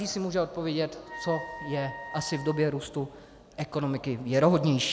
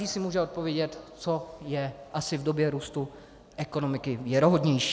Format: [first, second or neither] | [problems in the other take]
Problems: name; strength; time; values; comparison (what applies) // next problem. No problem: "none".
second | background sound (Wind instrument, woodwind instrument); 14 dB below the speech